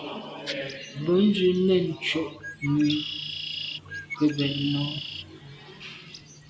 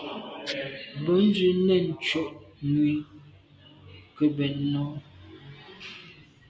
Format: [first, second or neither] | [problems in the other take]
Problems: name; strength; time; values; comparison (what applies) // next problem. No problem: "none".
second | background sound (Bird); 11 dB below the speech